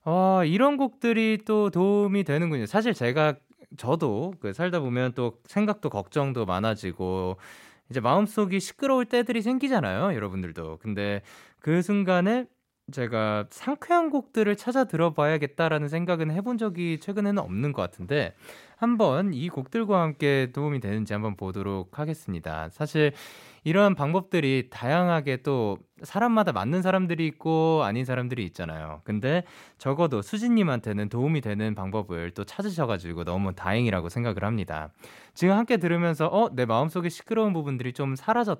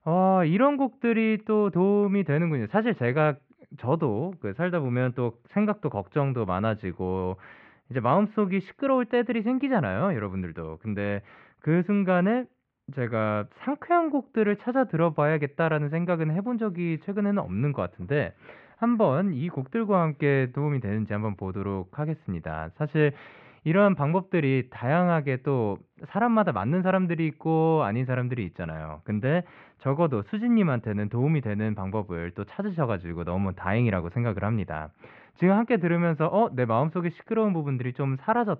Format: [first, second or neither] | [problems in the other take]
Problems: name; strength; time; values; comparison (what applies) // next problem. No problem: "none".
first | muffled; very; fading above 2.5 kHz